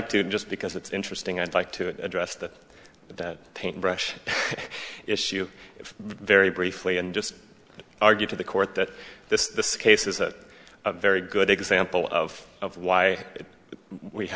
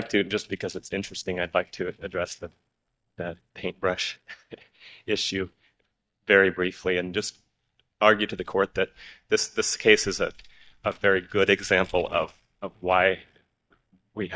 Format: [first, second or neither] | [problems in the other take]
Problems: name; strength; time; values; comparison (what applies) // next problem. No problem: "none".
first | noise reduction (neural mask model DeepFilterNet 3)